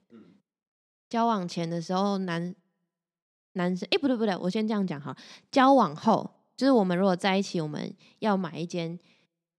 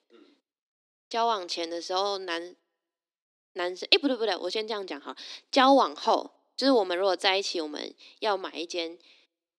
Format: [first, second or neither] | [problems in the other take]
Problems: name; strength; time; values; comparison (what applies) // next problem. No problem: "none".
first | thin; very slightly; fading below 300 Hz